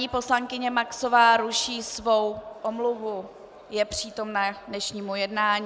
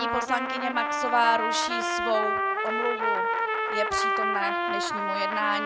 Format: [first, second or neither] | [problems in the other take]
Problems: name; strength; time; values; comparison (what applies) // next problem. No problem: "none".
first | background sound (Trumpet); 3 dB above the speech